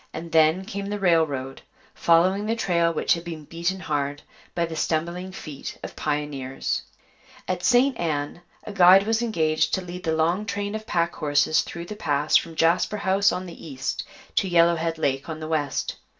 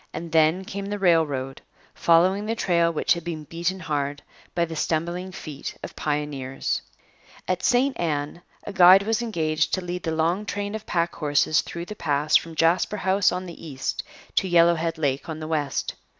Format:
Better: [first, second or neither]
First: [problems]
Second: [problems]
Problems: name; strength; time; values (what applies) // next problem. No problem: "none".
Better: second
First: room echo; dies away in 0.2 s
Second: none